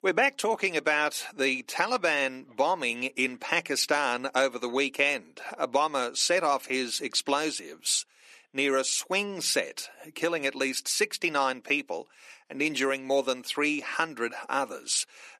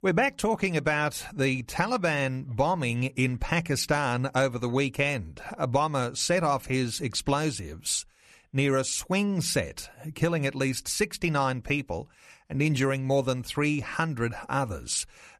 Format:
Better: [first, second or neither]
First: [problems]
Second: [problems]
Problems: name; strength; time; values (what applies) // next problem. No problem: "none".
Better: second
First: thin; somewhat; fading below 300 Hz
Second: none